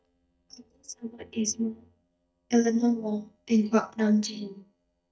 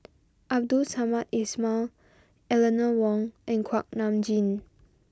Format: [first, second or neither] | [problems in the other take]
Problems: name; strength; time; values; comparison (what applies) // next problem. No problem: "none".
second | noise reduction (neural mask model DeepFilterNet 3)